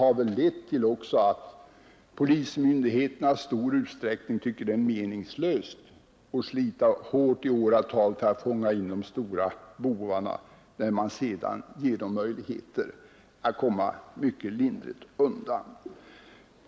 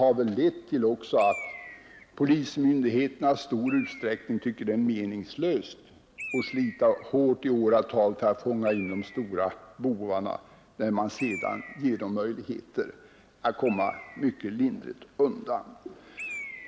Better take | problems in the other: first | background sound (Bird); 18 dB below the speech

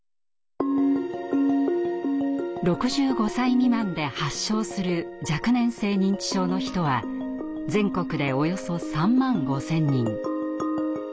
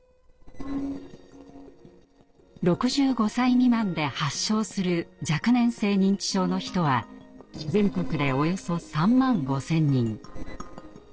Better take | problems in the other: first | noise reduction (neural separator model SepFormer DNS4)

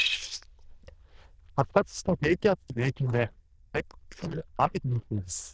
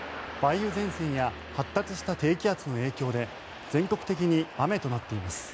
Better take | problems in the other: second | noise reduction (neural diffusion model UNIVERSE++)

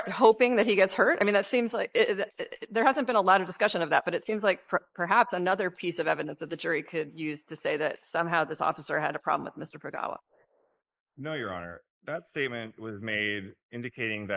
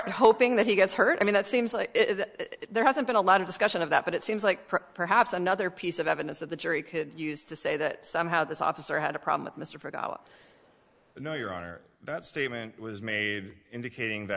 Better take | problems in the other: second | noise reduction (neural mask model Resemble Enhance denoiser)

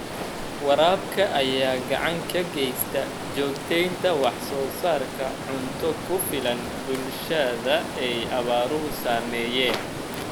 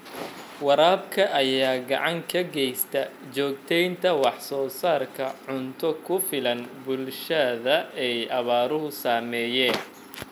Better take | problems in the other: second | background sound (Stream); 7 dB below the speech

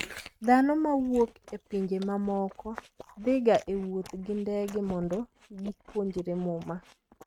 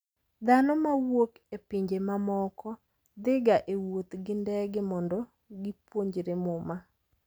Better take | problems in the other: second | noise reduction (neural mask model RNNoise)

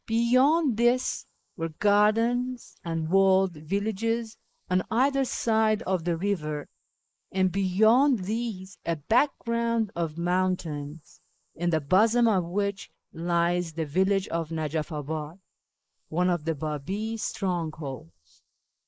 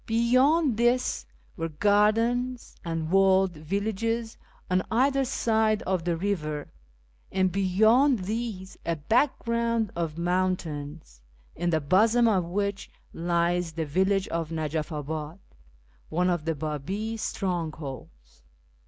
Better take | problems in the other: second | noise reduction (neural mask model Resemble Enhance denoiser)

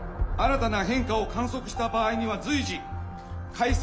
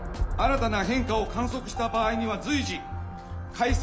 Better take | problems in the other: first | background sound (Drum kit); 18 dB below the speech

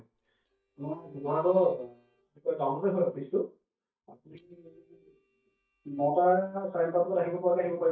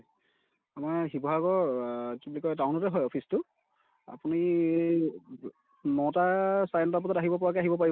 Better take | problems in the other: second | noise reduction (neural mask model DeepFilterNet 3)

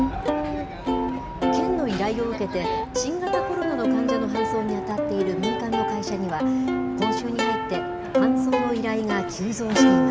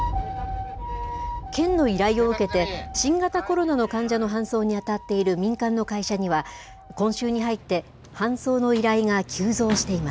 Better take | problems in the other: second | background sound (Plucked string instrument); 4 dB above the speech // room echo; dies away in 1.7 s

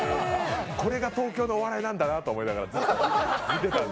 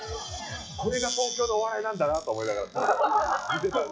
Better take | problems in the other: first | noise reduction (classical method log-MMSE)

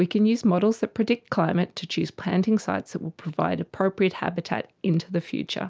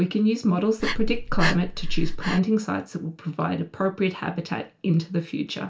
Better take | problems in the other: first | background sound (Breathing); 2 dB above the speech // room echo; dies away in 0.2 s

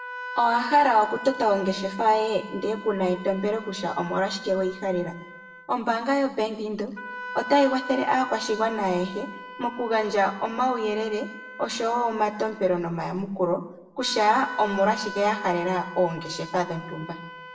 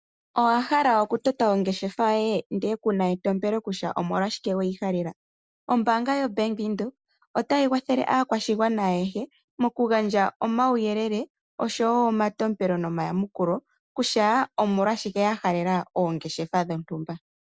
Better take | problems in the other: second | background sound (Wind instrument, woodwind instrument); 13 dB below the speech // room echo; dies away in 0.7 s

